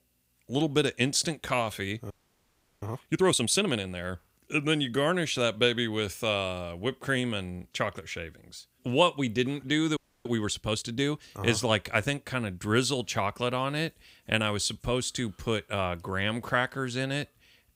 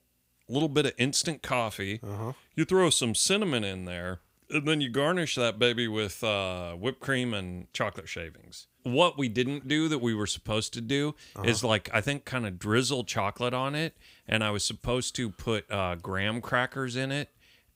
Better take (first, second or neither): second